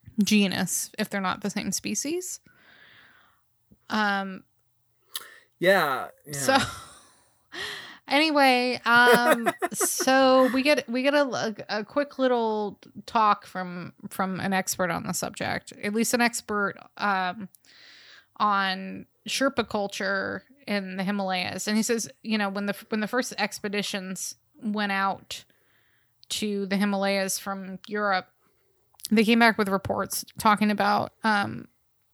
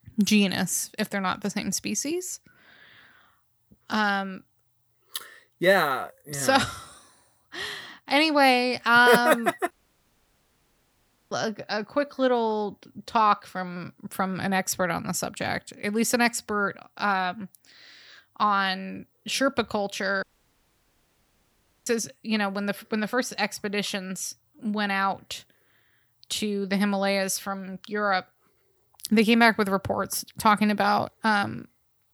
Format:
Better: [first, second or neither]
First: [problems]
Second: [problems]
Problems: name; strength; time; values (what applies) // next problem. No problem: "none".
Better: first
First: none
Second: audio cutting out; at 9.5 s for 1.5 s and at 20 s for 1.5 s